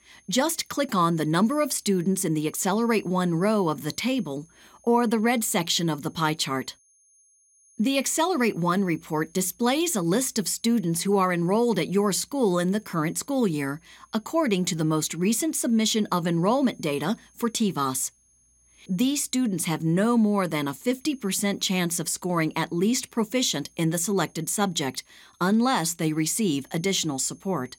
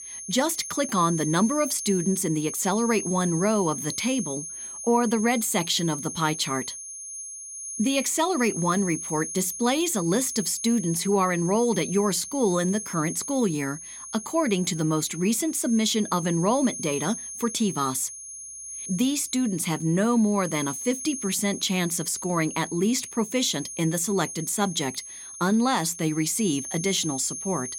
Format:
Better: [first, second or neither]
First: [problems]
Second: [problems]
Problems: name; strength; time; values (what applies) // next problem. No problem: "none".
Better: first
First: high-pitched whine; faint; throughout; 6.5 kHz, 30 dB below the speech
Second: high-pitched whine; loud; throughout; 6.5 kHz, 8 dB below the speech